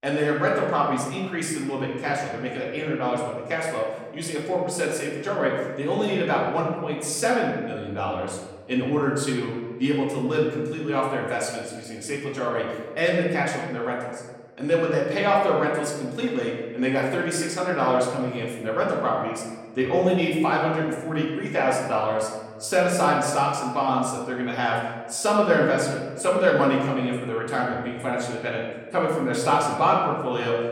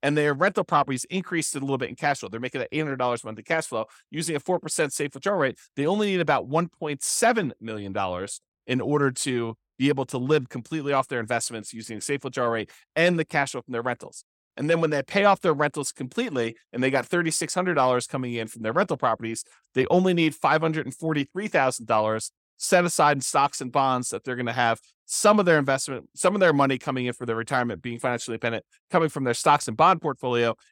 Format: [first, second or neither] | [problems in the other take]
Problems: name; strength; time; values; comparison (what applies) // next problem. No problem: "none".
second | room echo; noticeable; dies away in 1.2 s // off-mic speech; far